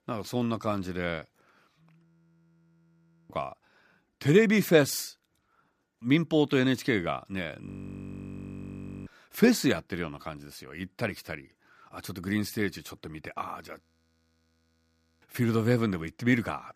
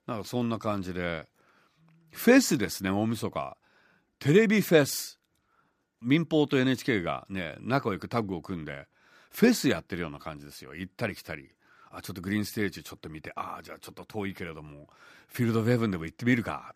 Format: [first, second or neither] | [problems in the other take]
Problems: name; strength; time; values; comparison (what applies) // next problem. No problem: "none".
second | audio freezing; at 2 s for 1 s, at 7.5 s for 1.5 s and at 14 s for 1.5 s